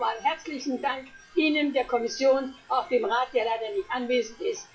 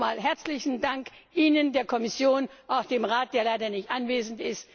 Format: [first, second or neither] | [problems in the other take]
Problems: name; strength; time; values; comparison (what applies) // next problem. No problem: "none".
second | noise reduction (classical method WPE with log-MMSE)